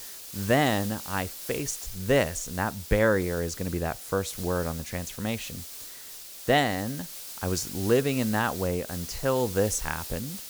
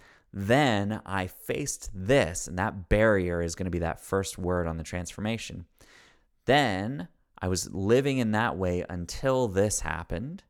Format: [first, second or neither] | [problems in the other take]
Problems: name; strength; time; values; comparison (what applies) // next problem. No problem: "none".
second | hiss; loud; throughout; 9 dB below the speech